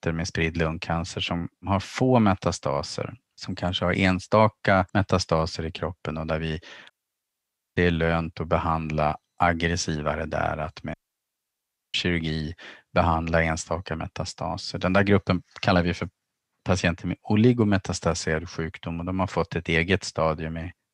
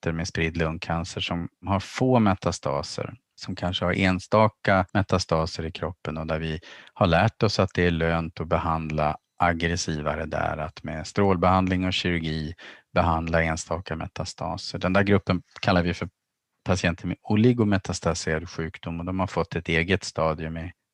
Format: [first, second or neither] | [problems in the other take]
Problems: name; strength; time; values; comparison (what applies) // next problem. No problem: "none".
second | audio cutting out; at 7 s for 1 s and at 11 s for 1 s